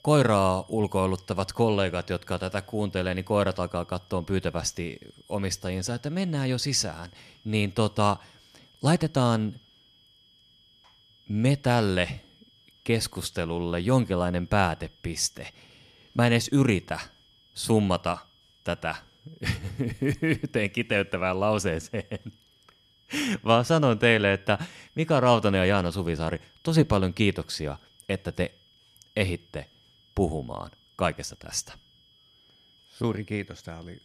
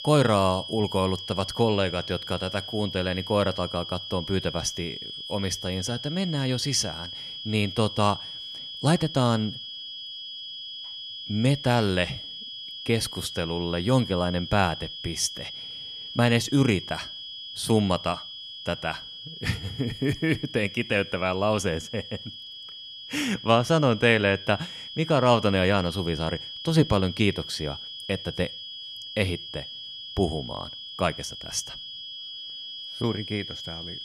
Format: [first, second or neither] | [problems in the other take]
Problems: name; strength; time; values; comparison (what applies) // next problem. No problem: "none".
first | high-pitched whine; loud; throughout; 3.5 kHz, 9 dB below the speech; faint in the first